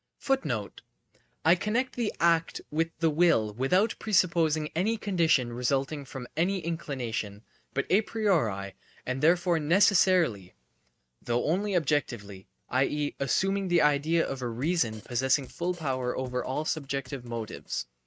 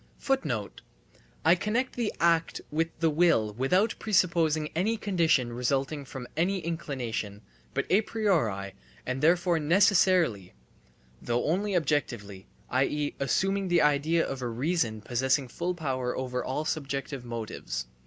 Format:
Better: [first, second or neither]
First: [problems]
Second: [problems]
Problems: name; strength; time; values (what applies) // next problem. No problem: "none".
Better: second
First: noise reduction (neural mask model RNNoise)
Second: none